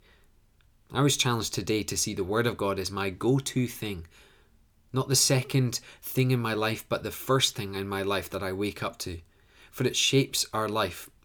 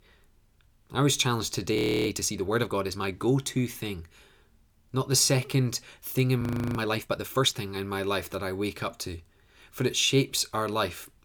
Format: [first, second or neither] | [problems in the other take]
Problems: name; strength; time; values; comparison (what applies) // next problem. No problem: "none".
first | audio freezing; at 2 s and at 6.5 s